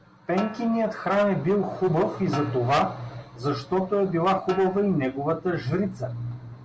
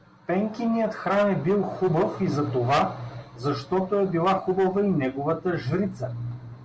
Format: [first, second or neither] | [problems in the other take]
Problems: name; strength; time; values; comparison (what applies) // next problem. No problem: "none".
second | background sound (Snare drum); 18 dB below the speech